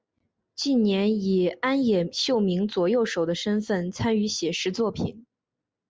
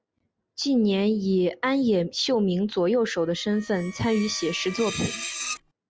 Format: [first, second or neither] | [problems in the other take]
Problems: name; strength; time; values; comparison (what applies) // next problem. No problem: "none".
first | background sound (Screech); 13 dB below the speech